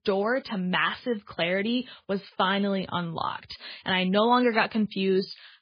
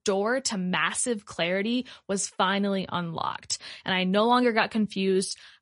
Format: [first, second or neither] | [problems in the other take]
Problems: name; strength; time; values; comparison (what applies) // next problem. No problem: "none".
second | garbled, watery; badly; nothing above 4 kHz; slightly in the second